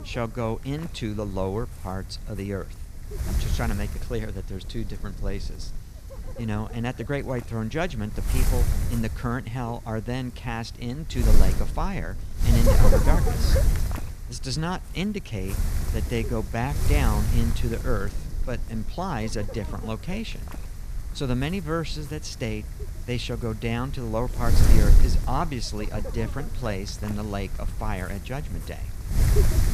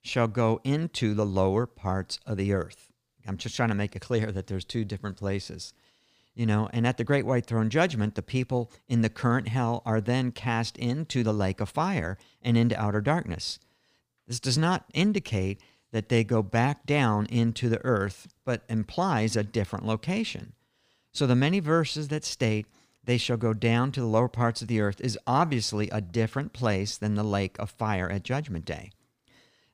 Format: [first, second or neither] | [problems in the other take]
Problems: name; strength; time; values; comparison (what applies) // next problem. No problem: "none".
second | wind noise on the microphone; heavy; 4 dB below the speech